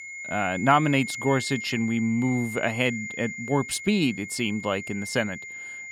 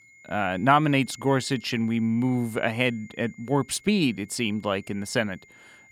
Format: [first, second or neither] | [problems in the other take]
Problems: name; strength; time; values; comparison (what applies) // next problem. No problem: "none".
second | high-pitched whine; loud; throughout; 2 kHz, 9 dB below the speech; faint in the second